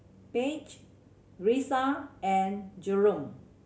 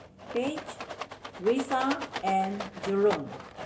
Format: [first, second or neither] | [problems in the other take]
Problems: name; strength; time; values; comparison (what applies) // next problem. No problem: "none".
first | background sound (Rattle); 8 dB below the speech